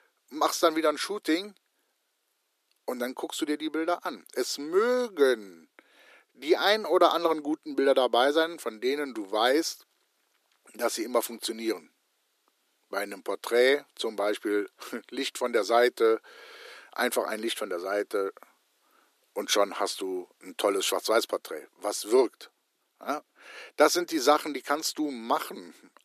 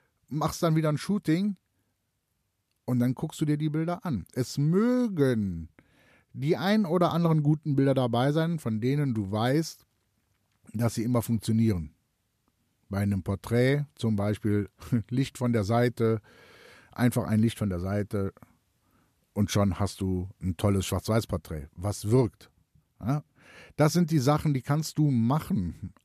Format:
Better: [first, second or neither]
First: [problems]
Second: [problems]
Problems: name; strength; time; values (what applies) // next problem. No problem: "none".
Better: second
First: thin; very; fading below 350 Hz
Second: none